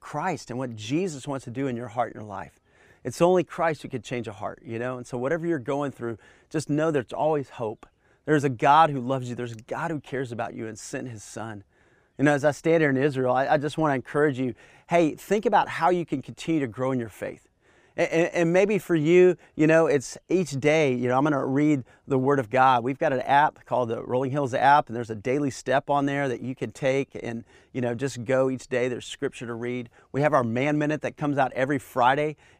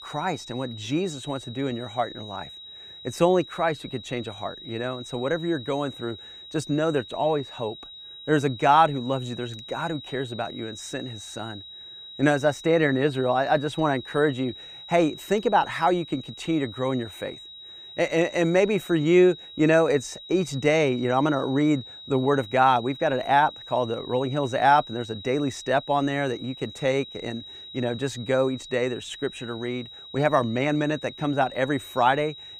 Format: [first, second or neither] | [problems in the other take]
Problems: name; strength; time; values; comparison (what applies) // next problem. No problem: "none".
first | high-pitched whine; noticeable; throughout; 4 kHz, 15 dB below the speech